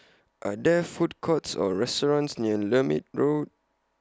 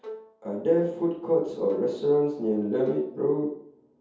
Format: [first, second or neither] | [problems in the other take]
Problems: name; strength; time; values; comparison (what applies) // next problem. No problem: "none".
first | background sound (Bowed string instrument); 19 dB below the speech // room echo; dies away in 0.7 s